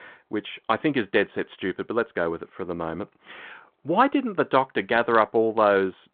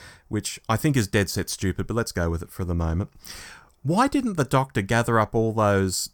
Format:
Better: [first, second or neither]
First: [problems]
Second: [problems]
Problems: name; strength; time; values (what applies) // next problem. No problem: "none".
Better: second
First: phone-call audio; nothing above 3.5 kHz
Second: none